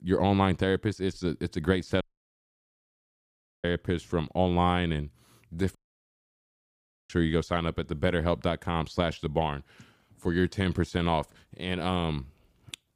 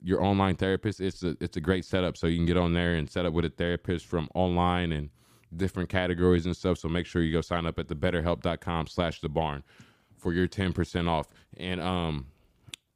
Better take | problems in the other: second | audio cutting out; at 2 s for 1.5 s and at 6 s for 1.5 s

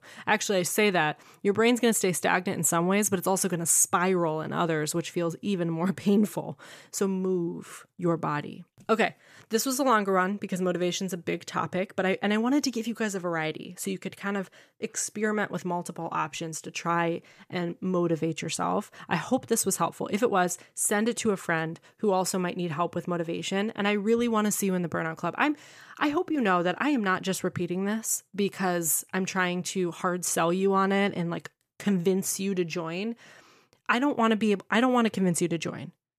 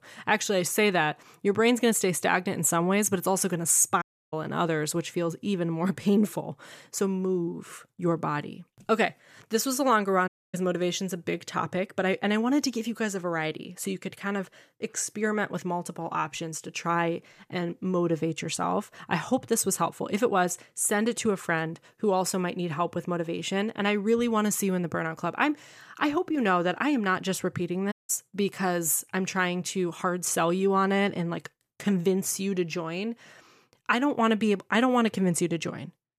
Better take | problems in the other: first | audio cutting out; at 4 s, at 10 s and at 28 s

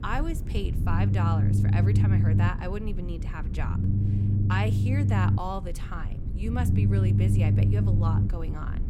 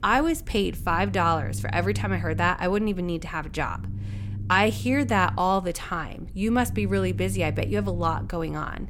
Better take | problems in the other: second | low rumble; loud; throughout; 2 dB below the speech; faint in the second

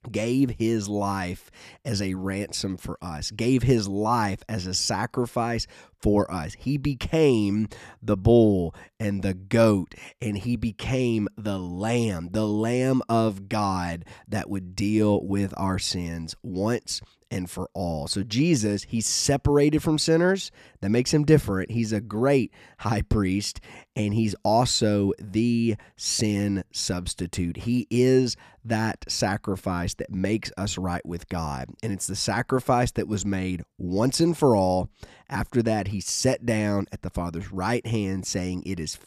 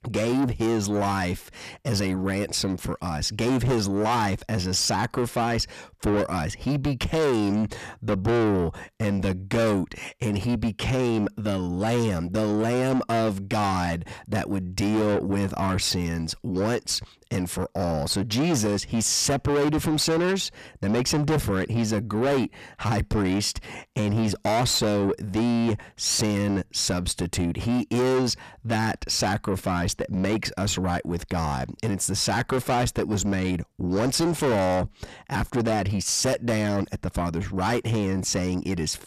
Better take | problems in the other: first | distortion; heavy; 7 dB below the speech

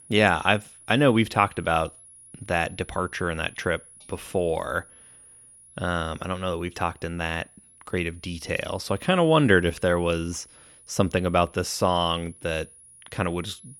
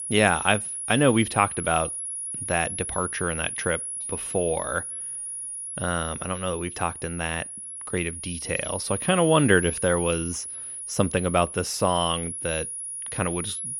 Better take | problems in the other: first | high-pitched whine; loud; throughout; 10.5 kHz, 6 dB below the speech; faint in the first

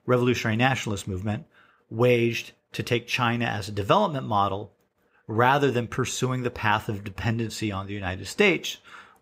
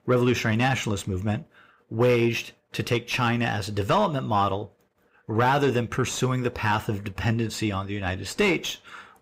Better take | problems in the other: first | distortion; slight; 10 dB below the speech

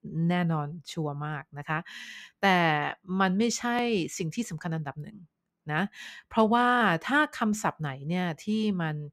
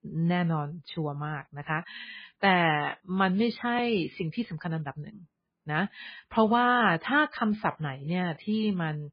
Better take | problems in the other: first | garbled, watery; badly; nothing above 4.5 kHz

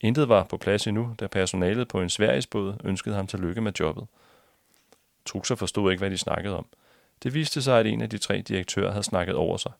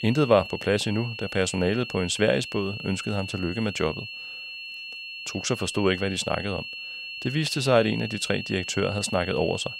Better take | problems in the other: first | high-pitched whine; loud; throughout; 2.5 kHz, 9 dB below the speech

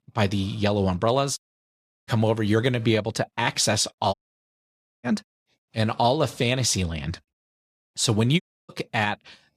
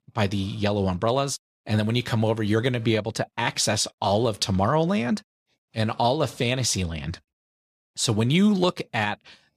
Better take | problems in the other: second | audio cutting out; at 1.5 s for 0.5 s, at 4 s for 1 s and at 8.5 s

